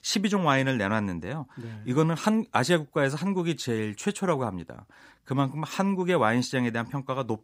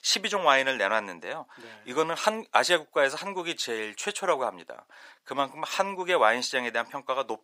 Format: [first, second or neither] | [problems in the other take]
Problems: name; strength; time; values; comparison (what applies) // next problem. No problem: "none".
first | thin; very; fading below 600 Hz